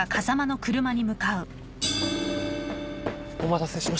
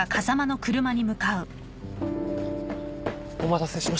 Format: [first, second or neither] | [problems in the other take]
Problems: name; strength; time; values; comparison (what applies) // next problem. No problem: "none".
second | background sound (Crash cymbal); 9 dB below the speech